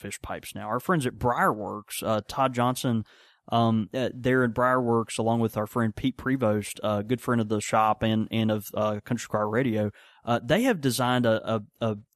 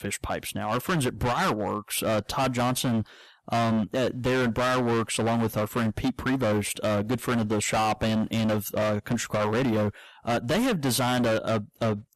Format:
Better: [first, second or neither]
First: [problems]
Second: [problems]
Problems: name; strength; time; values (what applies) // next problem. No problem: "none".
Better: first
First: none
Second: distortion; heavy; 25% of the sound clipped